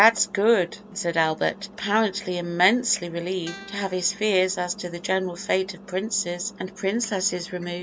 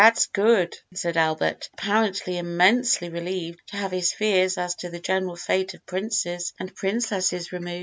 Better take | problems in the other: second | background sound (Engine + Guitar); 20 dB below the speech

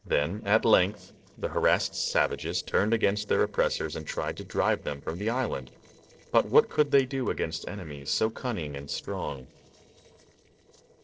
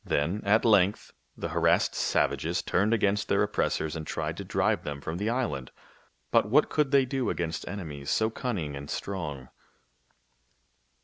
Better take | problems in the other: second | noise reduction (neural separator model SepFormer DNS4)

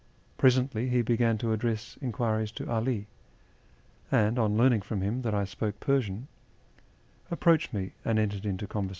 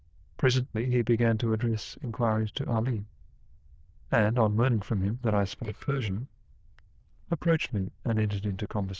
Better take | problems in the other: first | noise reduction (neural diffusion model UNIVERSE++)

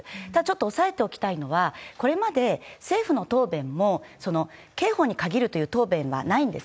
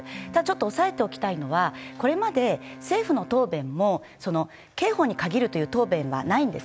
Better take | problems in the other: first | background sound (Brass instrument); 18 dB below the speech

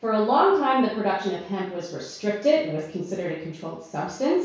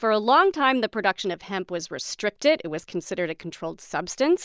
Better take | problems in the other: second | room echo; dies away in 0.6 s

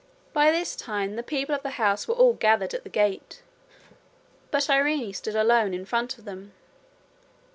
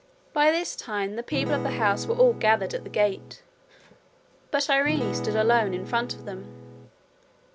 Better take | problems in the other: first | background sound (Acoustic guitar / Strum); 7 dB below the speech

